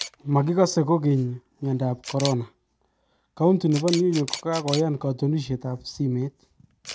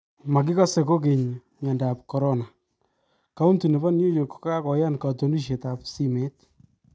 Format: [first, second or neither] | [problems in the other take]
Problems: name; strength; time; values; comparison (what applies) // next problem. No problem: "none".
second | background sound (Camera); 15 dB below the speech